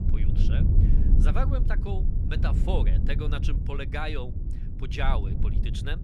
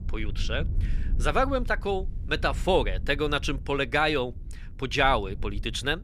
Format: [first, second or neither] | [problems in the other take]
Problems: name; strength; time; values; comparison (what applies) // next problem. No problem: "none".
second | low rumble; loud; throughout; 6 dB below the speech; faint in the second